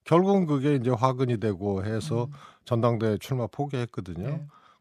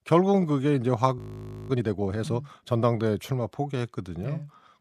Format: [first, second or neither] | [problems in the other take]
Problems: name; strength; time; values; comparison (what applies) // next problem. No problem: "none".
first | audio freezing; at 1 s for 0.5 s